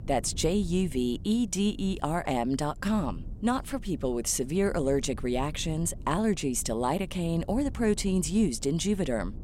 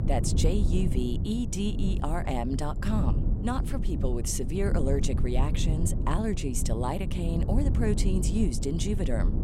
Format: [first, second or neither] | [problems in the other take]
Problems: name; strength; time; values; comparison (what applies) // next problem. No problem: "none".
first | low rumble; loud; throughout; 7 dB below the speech; faint in the first